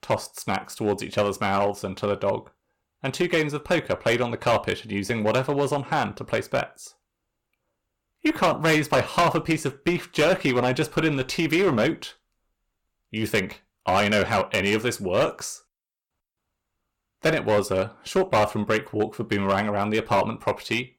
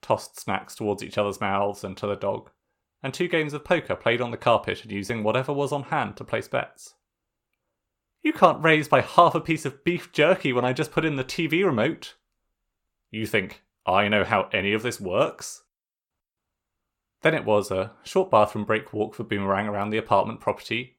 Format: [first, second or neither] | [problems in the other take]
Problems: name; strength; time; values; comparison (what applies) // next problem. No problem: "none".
second | distortion; heavy; 6% of the sound clipped